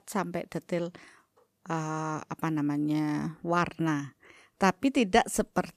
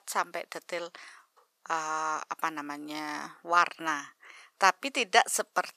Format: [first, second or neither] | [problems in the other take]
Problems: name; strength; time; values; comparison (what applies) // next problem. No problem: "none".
first | thin; very; fading below 750 Hz